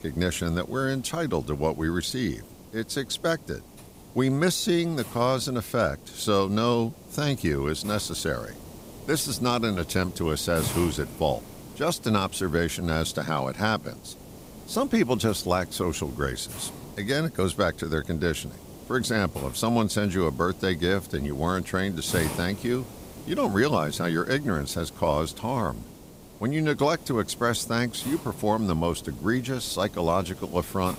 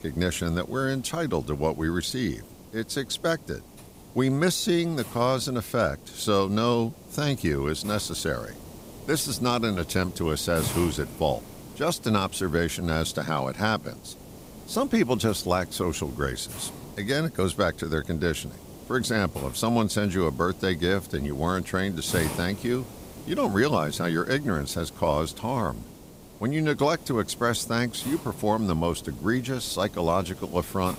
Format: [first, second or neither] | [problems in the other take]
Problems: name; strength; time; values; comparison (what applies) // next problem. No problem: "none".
neither | hiss; noticeable; throughout; 15 dB below the speech; the same in both